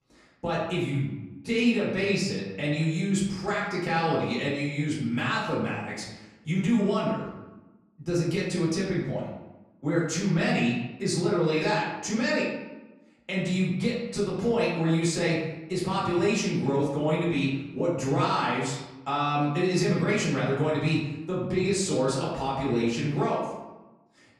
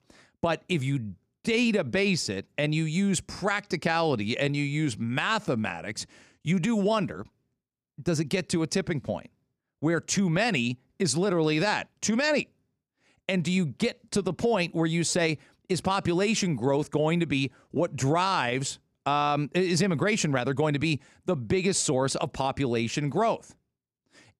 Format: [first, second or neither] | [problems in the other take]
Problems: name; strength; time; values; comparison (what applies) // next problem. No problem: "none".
second | room echo; noticeable; dies away in 0.9 s // off-mic speech; far